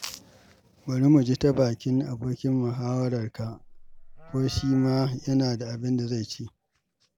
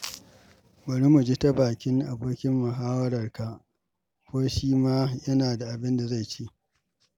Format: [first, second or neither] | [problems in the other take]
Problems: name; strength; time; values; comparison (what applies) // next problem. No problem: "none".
second | background sound (Livestock, farm animals, working animals); 19 dB below the speech